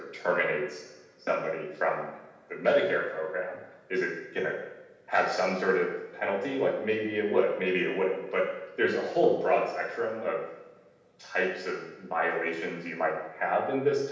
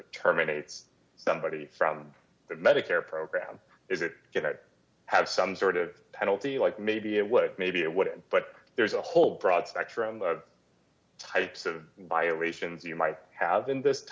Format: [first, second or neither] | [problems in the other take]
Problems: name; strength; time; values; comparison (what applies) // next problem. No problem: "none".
second | room echo; dies away in 0.9 s